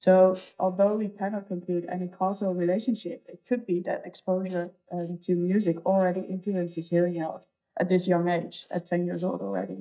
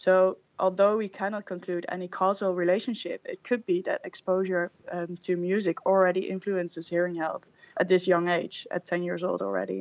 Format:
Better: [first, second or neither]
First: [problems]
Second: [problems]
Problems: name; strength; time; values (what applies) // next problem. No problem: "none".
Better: second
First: noise reduction (neural mask model DeepFilterNet 3)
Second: none